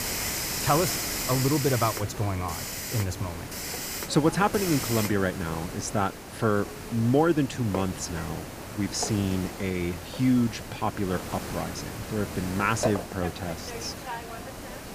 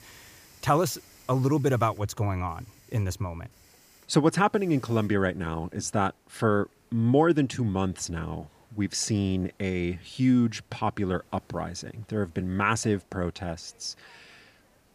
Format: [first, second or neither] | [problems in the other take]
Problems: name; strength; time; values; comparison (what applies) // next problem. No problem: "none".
second | hiss; loud; throughout; 6 dB below the speech; faint in the second